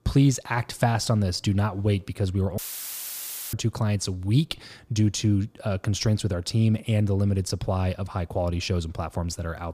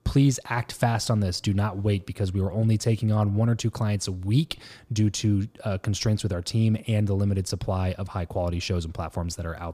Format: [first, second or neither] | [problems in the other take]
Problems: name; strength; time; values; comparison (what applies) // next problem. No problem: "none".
second | audio cutting out; filled with static; at 2.5 s for 1 s